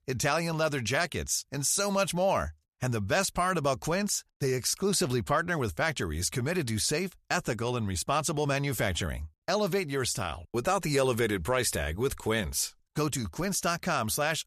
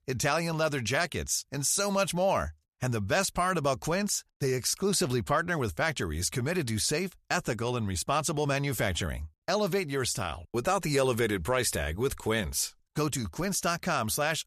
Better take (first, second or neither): neither